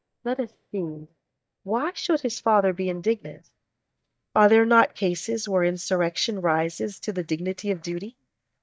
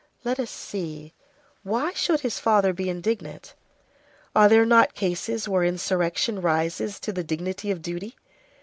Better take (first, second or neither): second